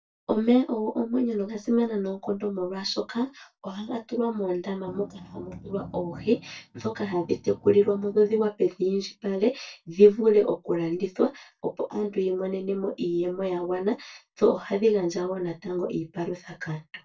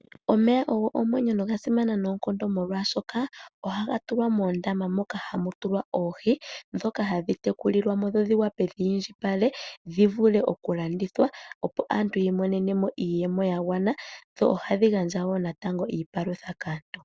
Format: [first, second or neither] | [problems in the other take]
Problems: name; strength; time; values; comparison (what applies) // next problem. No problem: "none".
second | noise reduction (neural mask model DeepFilterNet 3)